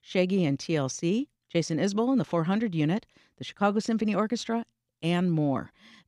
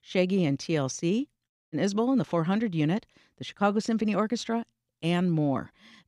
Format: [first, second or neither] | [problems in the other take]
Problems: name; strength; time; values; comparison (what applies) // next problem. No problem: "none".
first | audio cutting out; at 1.5 s